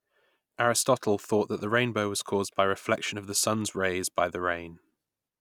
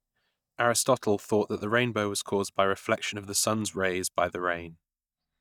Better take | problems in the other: first | noise reduction (neural mask model DeepFilterNet 3)

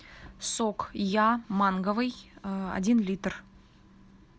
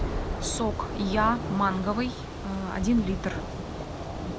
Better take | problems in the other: first | background sound (Thunder / Rain); 3 dB below the speech

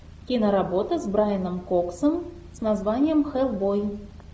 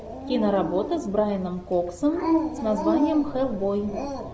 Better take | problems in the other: first | background sound (Dog); 4 dB below the speech

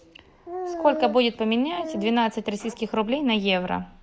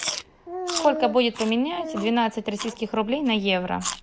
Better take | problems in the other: first | background sound (Chewing, mastication); 12 dB below the speech

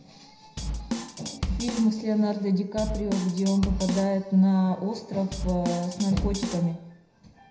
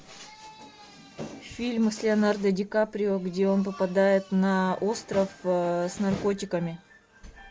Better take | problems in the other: second | background sound (Drum kit); 6 dB below the speech // room echo; dies away in 0.8 s

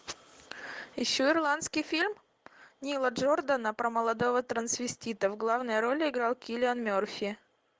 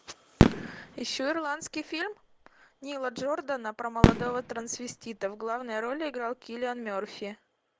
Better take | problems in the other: first | background sound (Fireworks); 5 dB above the speech

